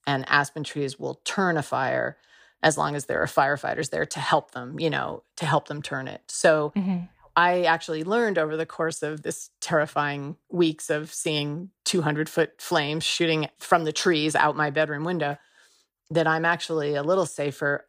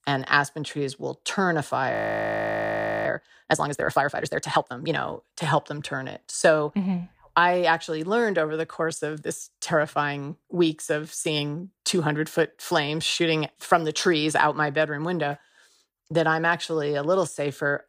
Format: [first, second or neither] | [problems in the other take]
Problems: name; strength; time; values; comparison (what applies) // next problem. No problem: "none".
first | audio freezing; at 2 s for 1 s